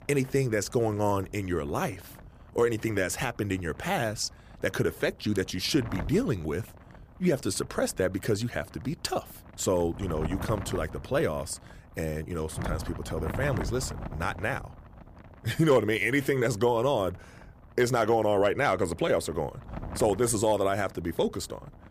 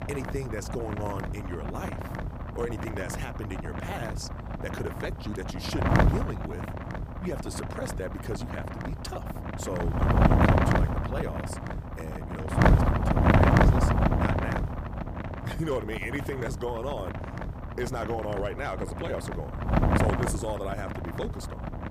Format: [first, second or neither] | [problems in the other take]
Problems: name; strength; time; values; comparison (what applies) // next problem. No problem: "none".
first | wind noise on the microphone; heavy; 5 dB above the speech; occasional gusts in the first